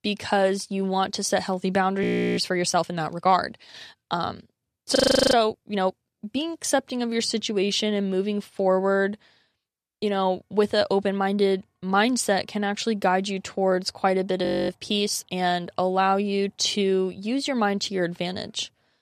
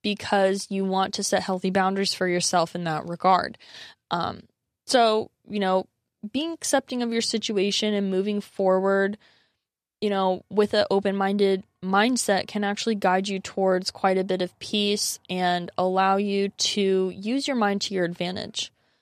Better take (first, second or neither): second